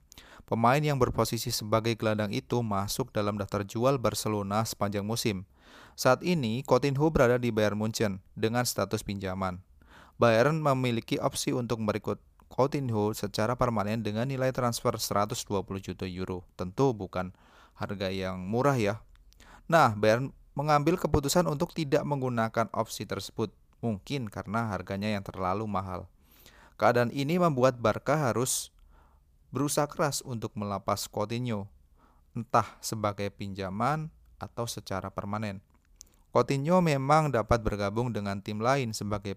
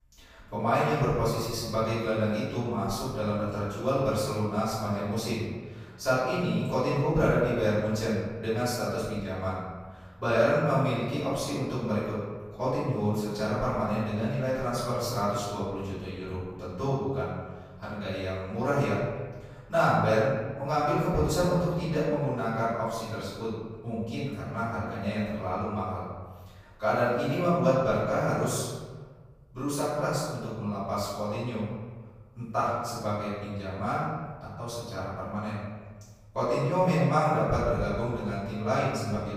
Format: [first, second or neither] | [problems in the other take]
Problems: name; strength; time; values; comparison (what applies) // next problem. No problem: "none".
first | off-mic speech; far // room echo; strong; dies away in 1.4 s